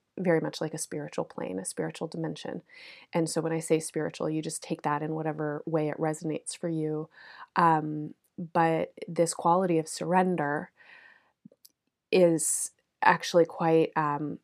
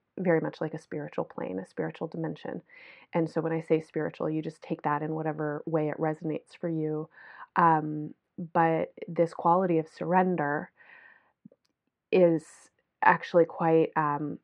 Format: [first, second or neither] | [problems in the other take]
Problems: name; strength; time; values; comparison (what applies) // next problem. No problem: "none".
first | muffled; very; fading above 2 kHz